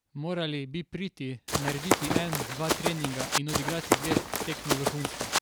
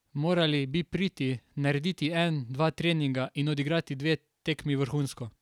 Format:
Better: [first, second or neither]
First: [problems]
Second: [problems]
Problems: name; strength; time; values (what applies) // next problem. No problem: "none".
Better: second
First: background sound (Run); 5 dB above the speech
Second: none